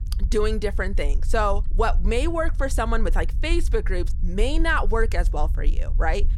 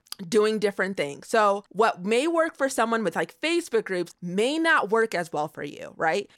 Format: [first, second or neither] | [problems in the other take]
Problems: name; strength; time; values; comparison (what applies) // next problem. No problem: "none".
second | low rumble; faint; throughout; 25 dB below the speech